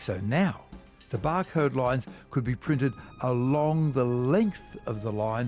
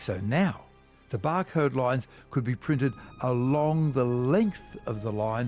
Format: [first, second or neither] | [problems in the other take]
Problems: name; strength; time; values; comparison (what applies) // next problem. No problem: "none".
second | background sound (Drum kit); 19 dB below the speech